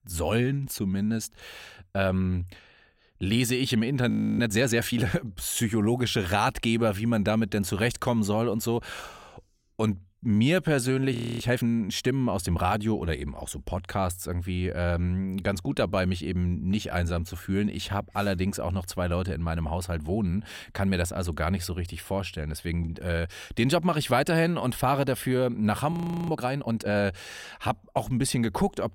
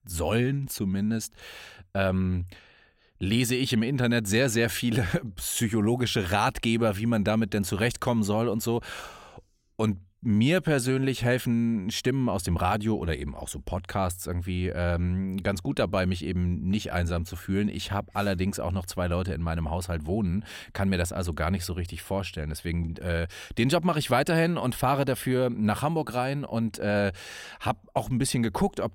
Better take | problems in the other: second | audio freezing; at 4 s, at 11 s and at 26 s

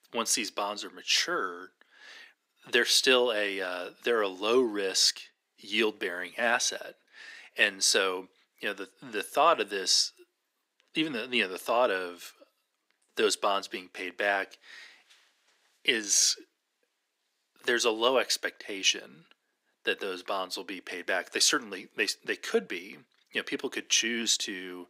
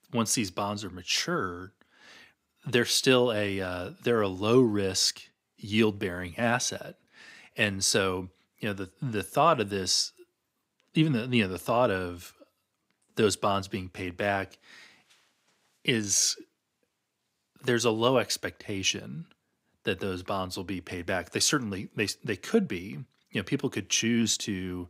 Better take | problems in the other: second | thin; somewhat; fading below 350 Hz

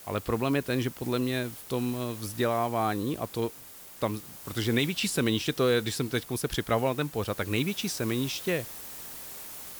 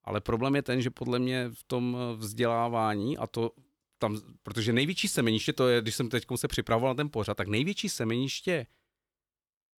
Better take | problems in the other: second | hiss; noticeable; throughout; 10 dB below the speech

